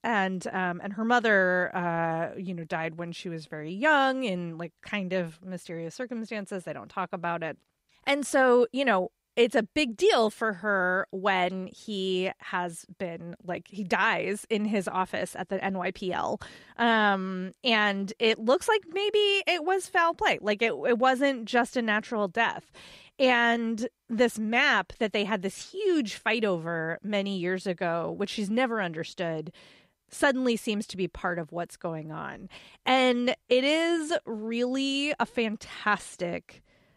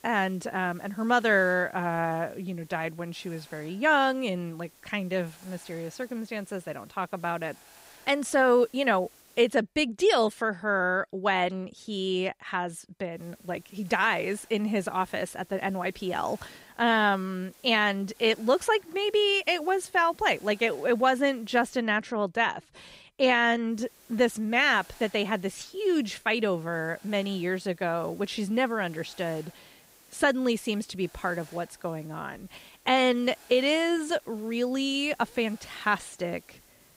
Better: first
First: none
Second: hiss; faint; until 9.5 s, from 13 to 22 s and from 24 s on; 25 dB below the speech

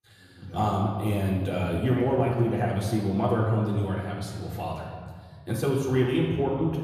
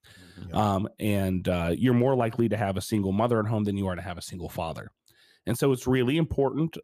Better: second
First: off-mic speech; far // room echo; noticeable; dies away in 1.7 s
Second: none

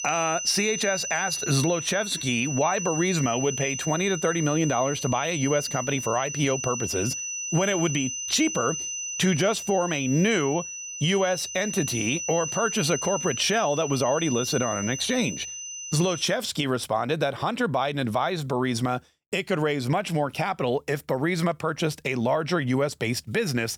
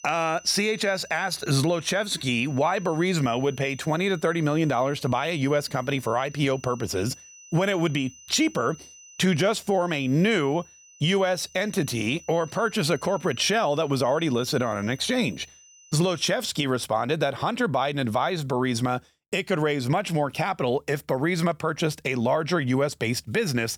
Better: second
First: high-pitched whine; loud; until 16 s; 6 kHz, 5 dB below the speech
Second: high-pitched whine; faint; until 16 s; 6 kHz, 20 dB below the speech

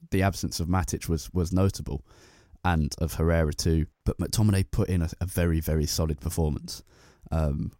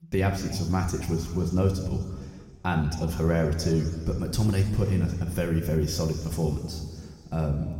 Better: first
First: none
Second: room echo; noticeable; dies away in 1.9 s // off-mic speech; somewhat distant

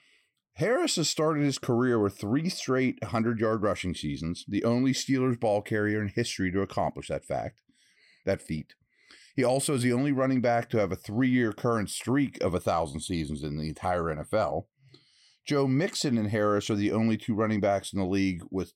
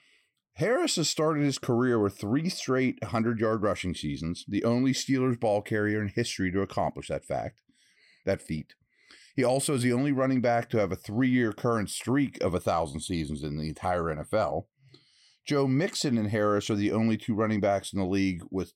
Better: neither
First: none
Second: none

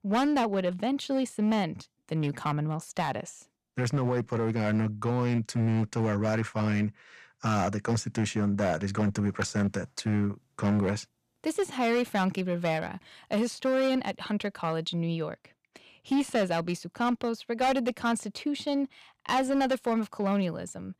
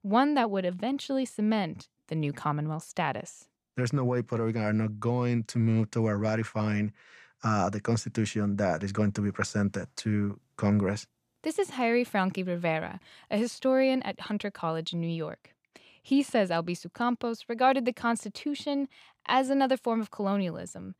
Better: second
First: distortion; slight; 8% of the sound clipped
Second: none

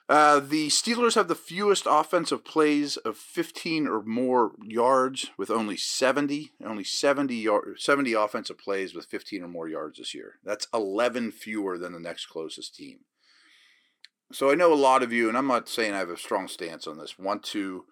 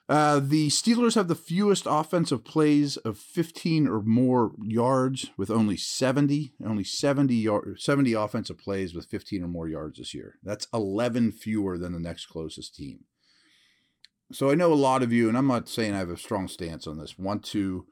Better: second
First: thin; somewhat; fading below 450 Hz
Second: none

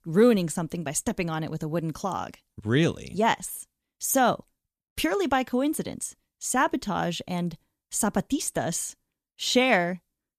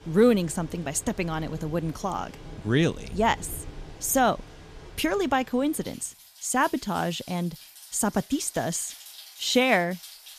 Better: first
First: none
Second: rain or running water; noticeable; throughout; 20 dB below the speech

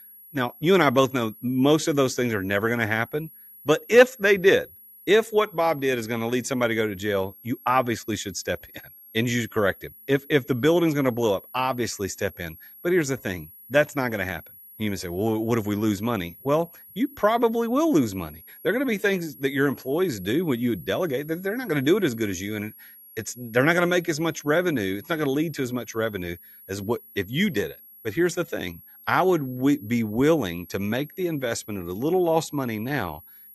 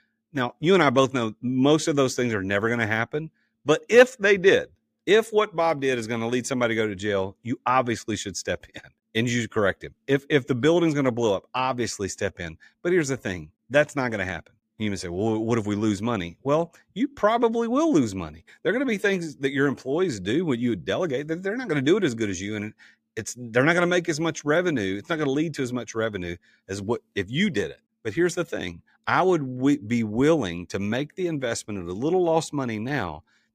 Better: second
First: high-pitched whine; faint; throughout; 11.5 kHz, 20 dB below the speech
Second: none

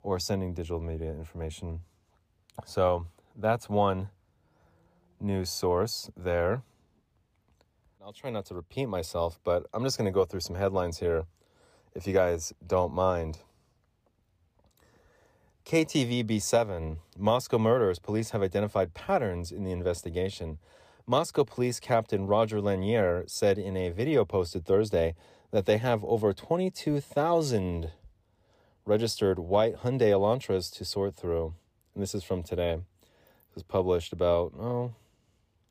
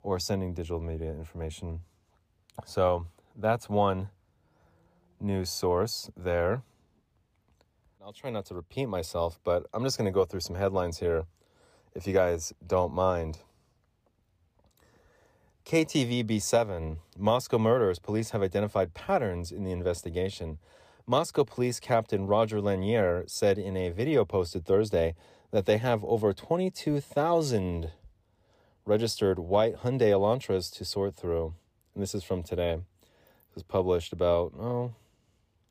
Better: neither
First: none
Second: none

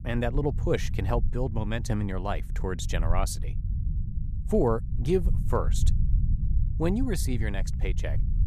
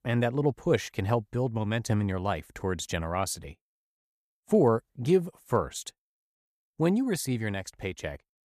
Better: second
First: low rumble; noticeable; throughout; 15 dB below the speech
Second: none

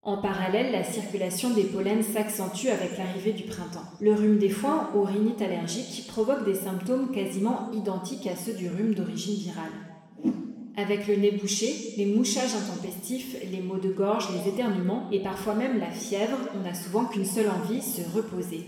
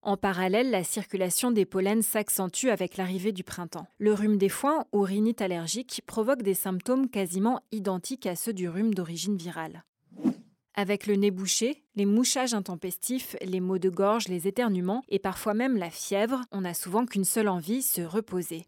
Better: second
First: room echo; noticeable; dies away in 1.2 s // off-mic speech; somewhat distant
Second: none

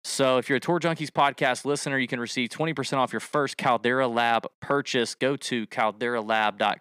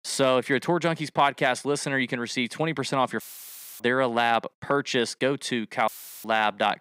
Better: first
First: none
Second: audio cutting out; filled with static; at 3 s for 0.5 s and at 6 s

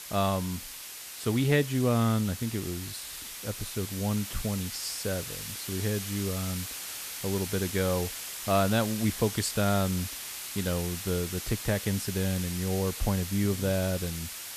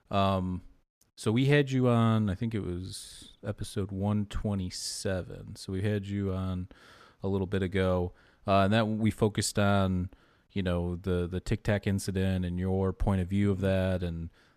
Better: second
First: hiss; loud; throughout; 6 dB below the speech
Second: none

